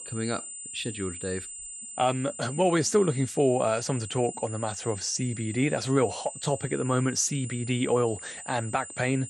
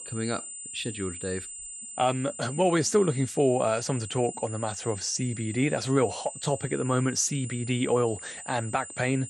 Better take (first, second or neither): neither